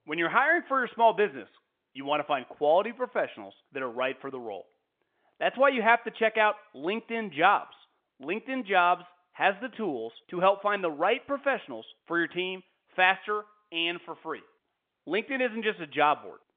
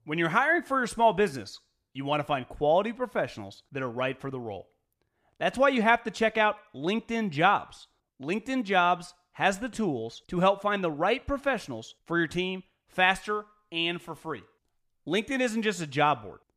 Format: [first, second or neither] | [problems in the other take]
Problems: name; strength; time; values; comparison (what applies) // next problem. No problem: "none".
second | phone-call audio; nothing above 3.5 kHz